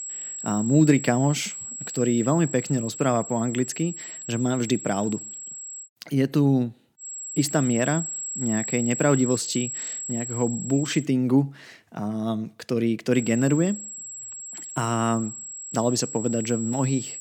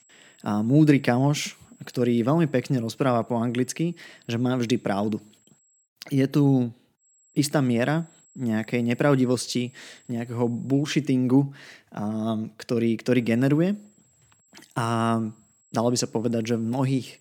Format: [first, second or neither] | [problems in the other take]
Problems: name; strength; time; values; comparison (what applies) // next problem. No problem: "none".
second | high-pitched whine; loud; until 6 s, from 7 to 11 s and from 13 s on; 7.5 kHz, 8 dB below the speech; faint in the second